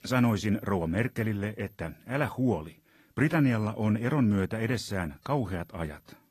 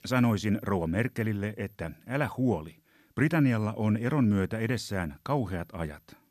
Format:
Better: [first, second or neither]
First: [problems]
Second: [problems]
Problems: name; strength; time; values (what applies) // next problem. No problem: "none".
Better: second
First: garbled, watery; slightly; nothing above 13.5 kHz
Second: none